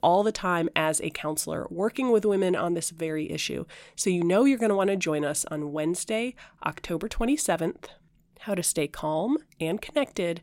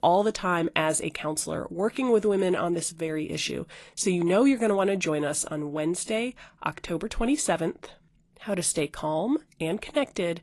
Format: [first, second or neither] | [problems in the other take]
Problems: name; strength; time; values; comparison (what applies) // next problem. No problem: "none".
first | garbled, watery; slightly